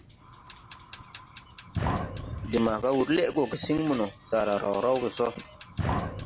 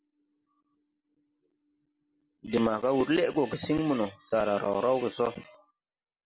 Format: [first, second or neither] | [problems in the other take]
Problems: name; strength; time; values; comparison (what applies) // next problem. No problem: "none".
second | background sound (Fire); 7 dB below the speech